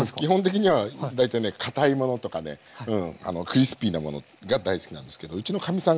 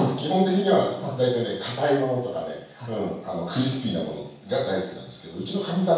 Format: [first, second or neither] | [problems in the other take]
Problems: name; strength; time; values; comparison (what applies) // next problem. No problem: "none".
first | room echo; dies away in 0.7 s